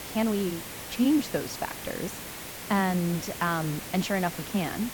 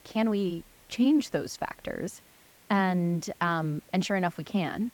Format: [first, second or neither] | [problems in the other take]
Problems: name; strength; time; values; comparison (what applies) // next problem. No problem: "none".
second | hiss; loud; throughout; 8 dB below the speech; faint in the second